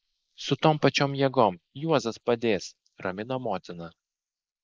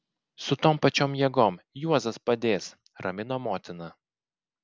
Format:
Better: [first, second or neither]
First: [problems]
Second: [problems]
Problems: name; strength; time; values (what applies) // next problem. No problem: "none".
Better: second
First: noise reduction (neural mask model Resemble Enhance denoiser)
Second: none